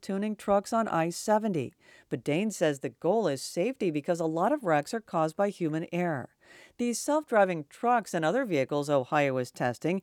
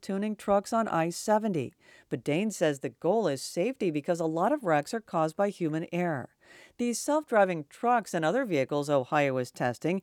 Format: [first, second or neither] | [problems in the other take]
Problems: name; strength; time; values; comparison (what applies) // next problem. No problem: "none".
neither | none